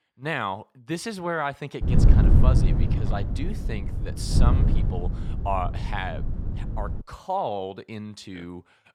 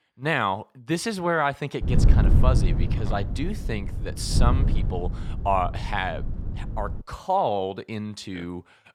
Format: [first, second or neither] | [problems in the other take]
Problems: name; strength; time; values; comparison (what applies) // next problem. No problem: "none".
second | wind noise on the microphone; heavy; from 2 to 7 s; 6 dB below the speech; occasional gusts in the second